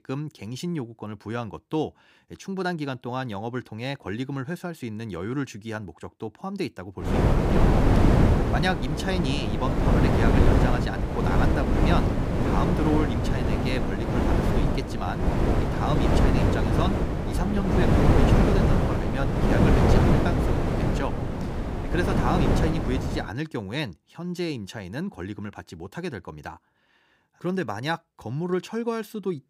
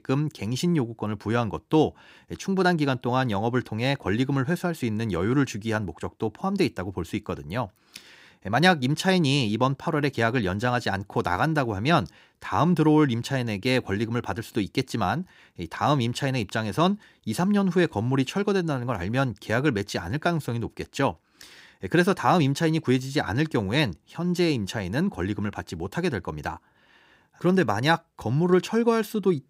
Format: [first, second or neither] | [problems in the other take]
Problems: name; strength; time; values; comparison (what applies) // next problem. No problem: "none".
second | wind noise on the microphone; heavy; from 7 to 23 s; 4 dB above the speech